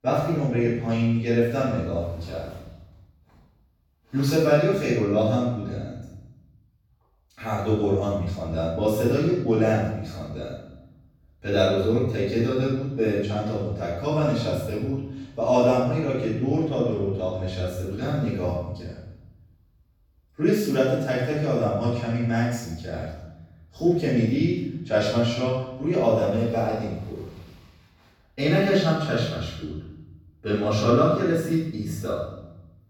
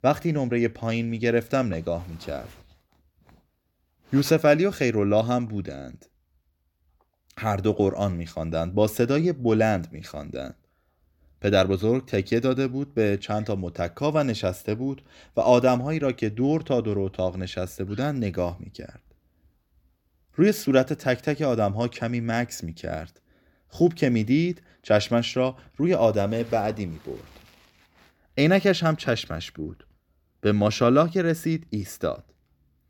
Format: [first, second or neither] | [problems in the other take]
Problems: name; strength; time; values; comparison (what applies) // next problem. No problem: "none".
second | room echo; strong; dies away in 0.9 s // off-mic speech; far